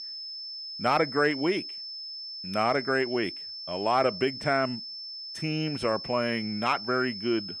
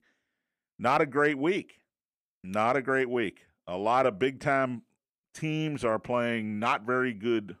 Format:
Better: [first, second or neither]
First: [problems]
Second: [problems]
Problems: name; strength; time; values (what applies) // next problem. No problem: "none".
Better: second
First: high-pitched whine; loud; throughout; 5.5 kHz, 8 dB below the speech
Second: none